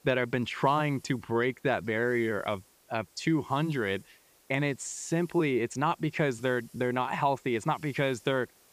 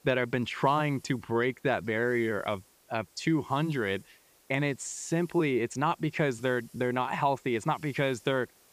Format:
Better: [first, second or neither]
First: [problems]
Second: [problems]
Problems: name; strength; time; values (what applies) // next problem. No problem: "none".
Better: neither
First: hiss; faint; throughout; 30 dB below the speech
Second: hiss; faint; throughout; 30 dB below the speech